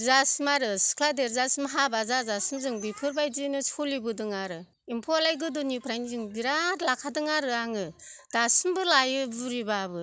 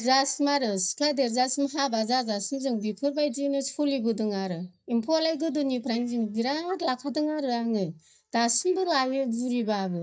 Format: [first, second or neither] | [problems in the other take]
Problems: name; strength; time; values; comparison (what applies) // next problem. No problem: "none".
first | noise reduction (neural mask model DeepFilterNet 3)